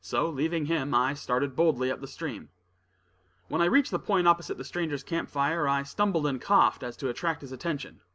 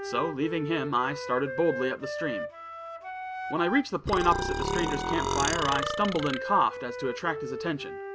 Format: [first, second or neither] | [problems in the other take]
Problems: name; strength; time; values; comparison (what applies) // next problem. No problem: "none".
first | background sound (Wind instrument, woodwind instrument + Burping, eructation); 4 dB below the speech